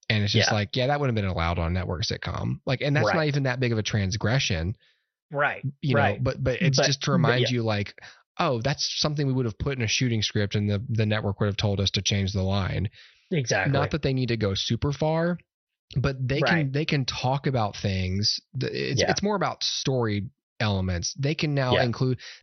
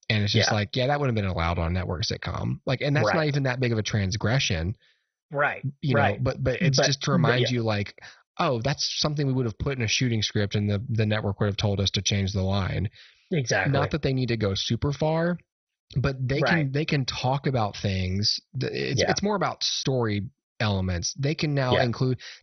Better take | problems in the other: first | garbled, watery; badly; nothing above 6 kHz; slightly in the first

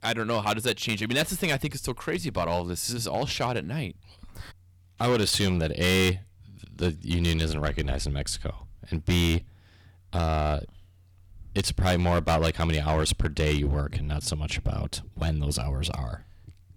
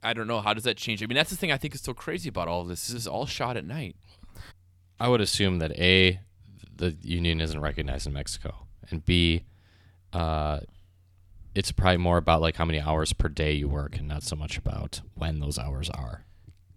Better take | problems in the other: second | distortion; heavy; 6% of the sound clipped

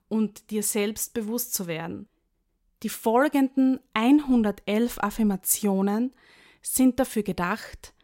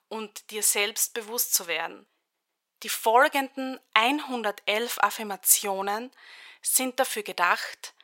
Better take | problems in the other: first | thin; very; fading below 750 Hz

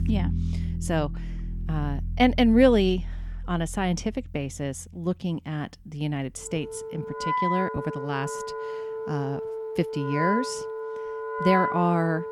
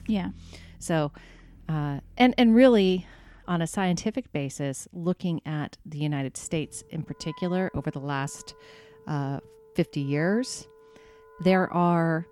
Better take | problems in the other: second | background music; loud; throughout; 5 dB below the speech; faint in the second

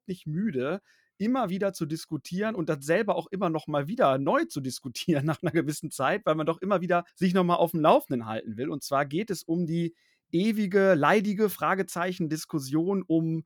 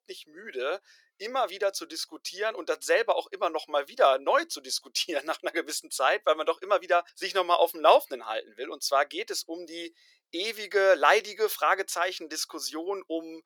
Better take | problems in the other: first | thin; very; fading below 450 Hz

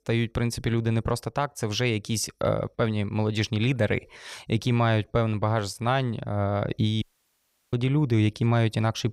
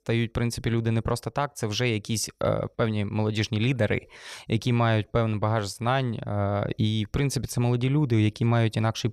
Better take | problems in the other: second | audio cutting out; at 7 s for 0.5 s

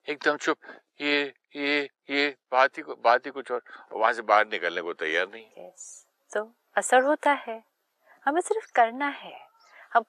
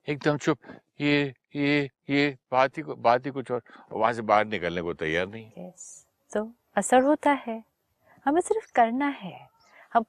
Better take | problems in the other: second | thin; somewhat; fading below 350 Hz

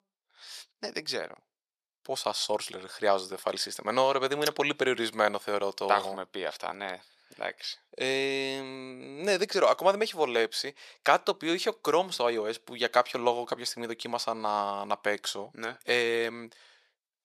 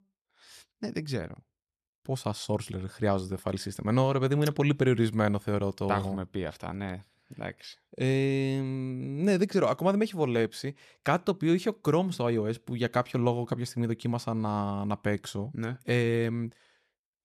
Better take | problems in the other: second | thin; very; fading below 600 Hz

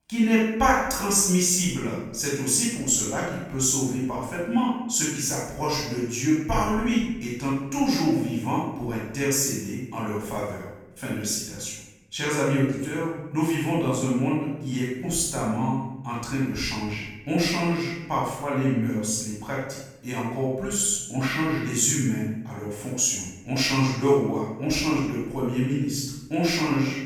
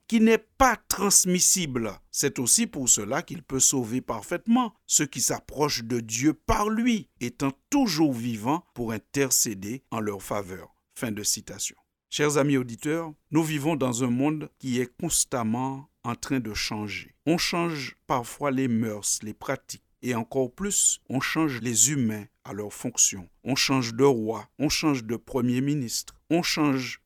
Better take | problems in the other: second | off-mic speech; far // room echo; strong; dies away in 0.9 s

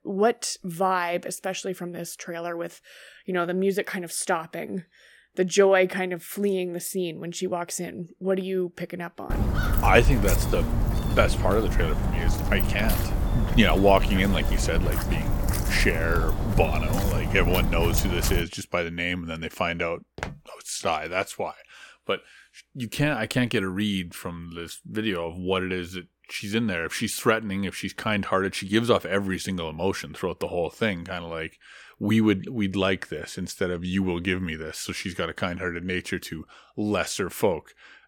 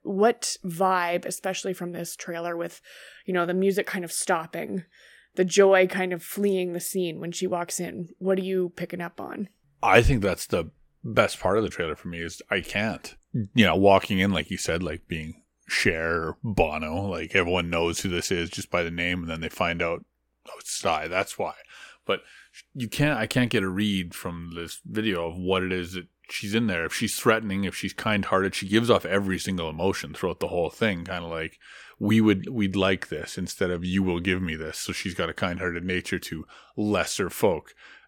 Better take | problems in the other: second | footsteps; loud; from 9.5 to 18 s; peak 2 dB above the speech // footsteps; faint; at 20 s; peak 10 dB below the speech

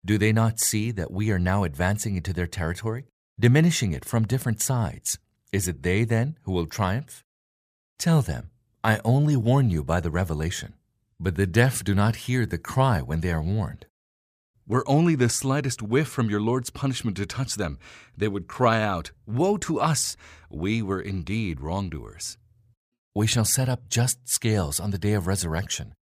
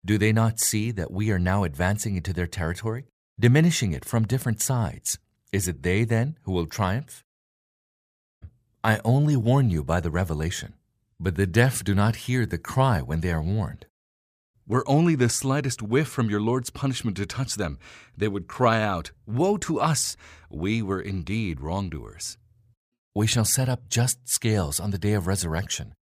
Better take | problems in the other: first | audio cutting out; at 7.5 s for 0.5 s

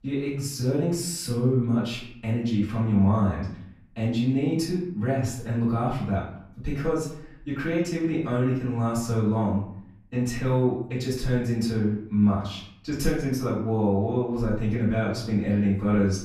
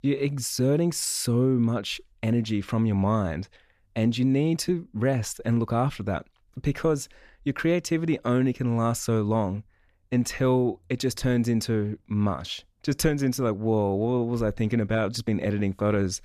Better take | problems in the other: second | off-mic speech; far // room echo; noticeable; dies away in 0.6 s

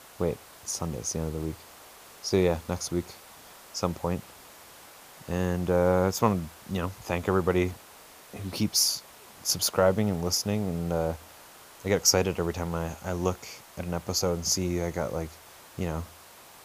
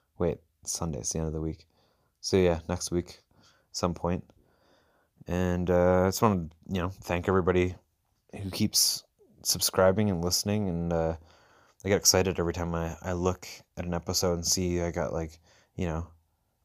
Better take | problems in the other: second | hiss; faint; throughout; 20 dB below the speech

